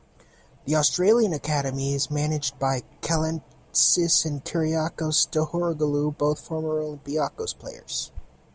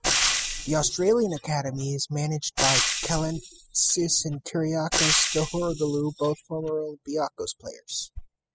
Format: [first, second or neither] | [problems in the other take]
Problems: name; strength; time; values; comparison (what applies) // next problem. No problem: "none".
first | noise reduction (classical method spectral subtraction)